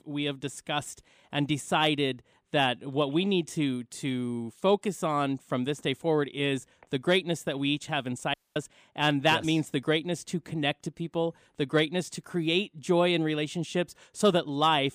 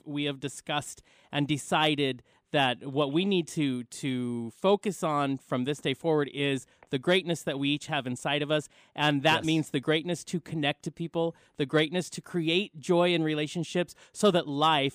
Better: second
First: audio cutting out; at 8.5 s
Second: none

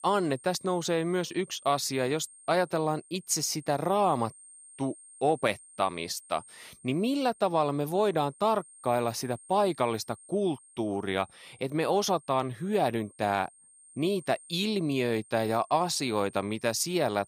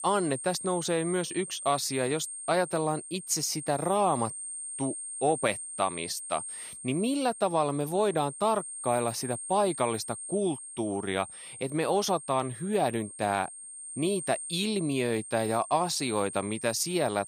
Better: first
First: high-pitched whine; faint; throughout; 8.5 kHz, 25 dB below the speech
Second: high-pitched whine; loud; throughout; 8.5 kHz, 8 dB below the speech

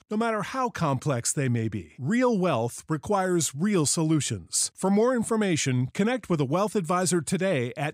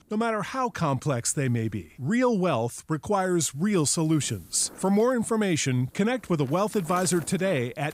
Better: first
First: none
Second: wind noise on the microphone; occasional gusts; 20 dB below the speech

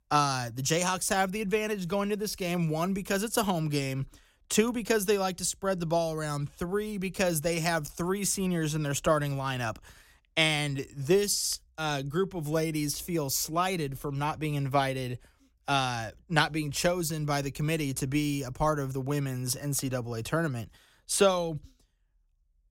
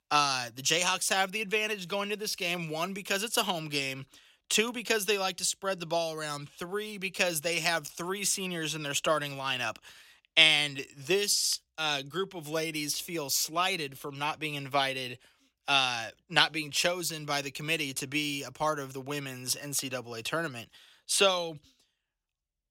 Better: first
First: none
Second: thin; very slightly; fading below 400 Hz

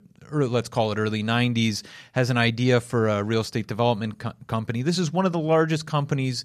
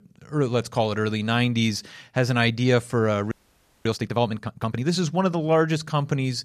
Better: first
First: none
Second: audio freezing; at 3.5 s for 0.5 s

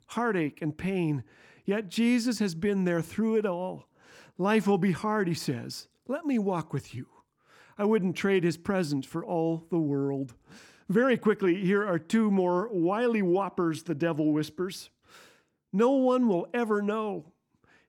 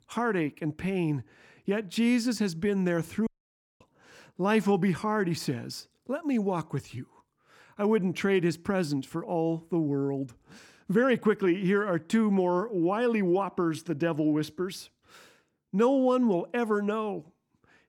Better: first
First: none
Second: audio cutting out; at 3.5 s for 0.5 s

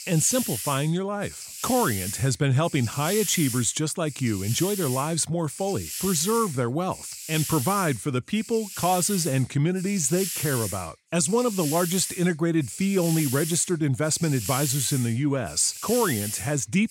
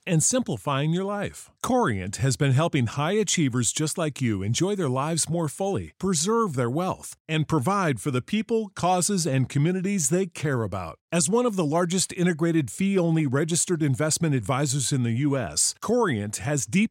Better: second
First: hiss; loud; throughout; 7 dB below the speech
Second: none

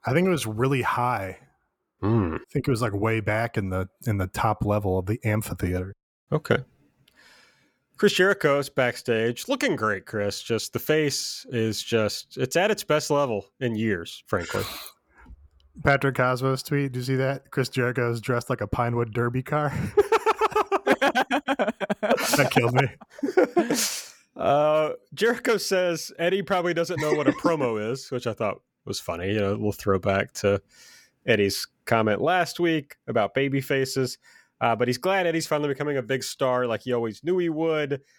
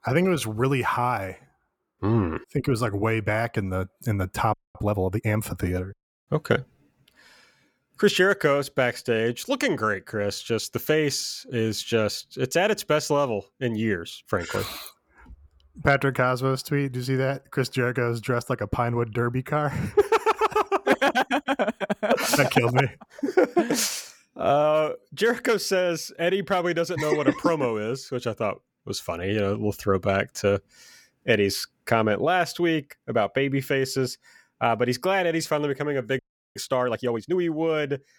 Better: first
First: none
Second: audio freezing; at 4.5 s and at 36 s

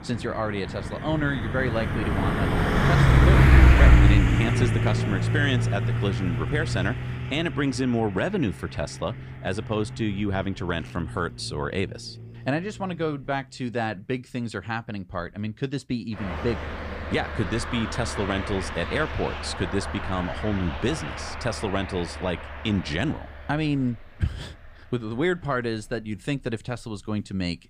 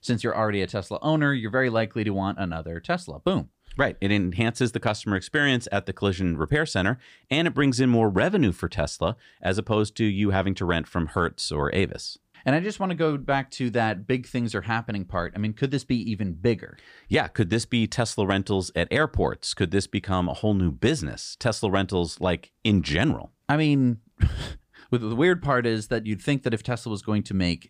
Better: second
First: traffic noise; very loud; throughout; 5 dB above the speech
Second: none

